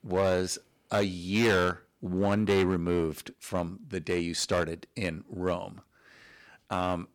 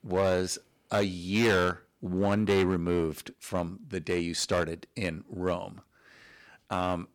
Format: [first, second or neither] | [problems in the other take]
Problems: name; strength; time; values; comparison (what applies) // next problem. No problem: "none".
neither | distortion; slight; 6% of the sound clipped; the same in both